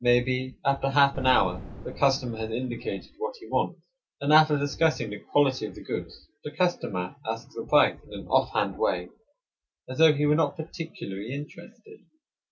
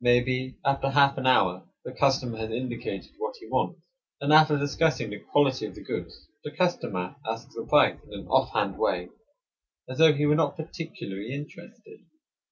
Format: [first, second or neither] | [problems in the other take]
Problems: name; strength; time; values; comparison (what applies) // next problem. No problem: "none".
second | background sound (Boom); 13 dB below the speech